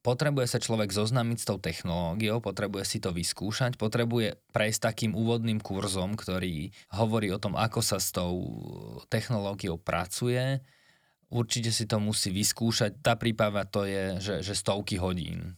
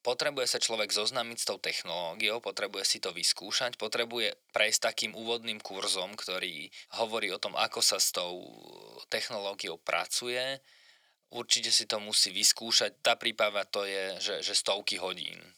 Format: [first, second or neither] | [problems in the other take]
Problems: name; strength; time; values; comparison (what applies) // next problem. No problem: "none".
first | thin; very; fading below 500 Hz